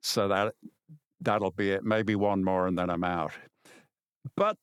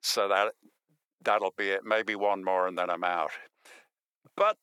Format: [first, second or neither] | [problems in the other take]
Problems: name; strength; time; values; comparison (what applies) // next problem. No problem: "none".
first | thin; very; fading below 600 Hz